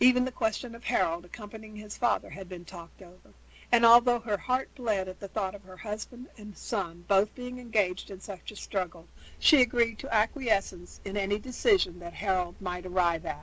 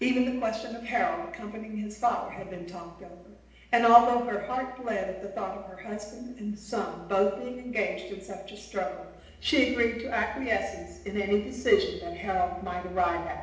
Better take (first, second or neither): first